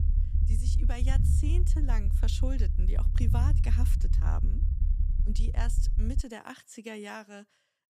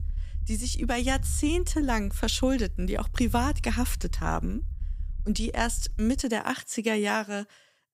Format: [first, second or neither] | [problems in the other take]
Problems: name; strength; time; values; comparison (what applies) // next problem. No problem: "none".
second | low rumble; loud; until 6 s; 5 dB below the speech; faint in the second